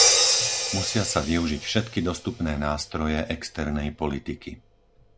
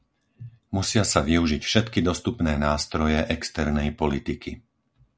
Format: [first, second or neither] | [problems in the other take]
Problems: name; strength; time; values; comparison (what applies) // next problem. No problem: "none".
second | background sound (Crash cymbal); as loud as the speech